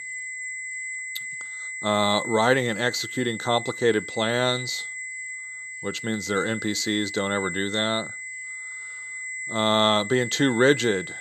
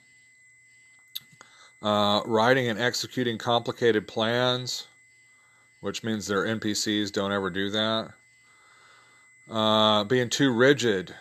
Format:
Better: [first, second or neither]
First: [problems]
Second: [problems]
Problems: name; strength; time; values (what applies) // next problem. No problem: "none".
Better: second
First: high-pitched whine; loud; throughout; 2 kHz, 8 dB below the speech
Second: high-pitched whine; faint; throughout; 2 kHz, 30 dB below the speech